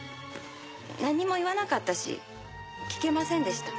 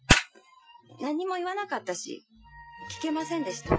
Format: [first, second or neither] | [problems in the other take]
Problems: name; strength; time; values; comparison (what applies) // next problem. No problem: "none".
first | noise reduction (classical method Wiener filter)